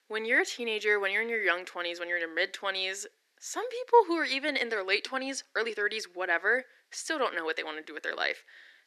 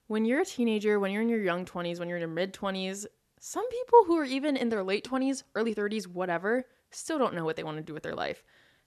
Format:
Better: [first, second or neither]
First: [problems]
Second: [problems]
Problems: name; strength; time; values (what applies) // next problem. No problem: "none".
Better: second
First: thin; somewhat; fading below 300 Hz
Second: none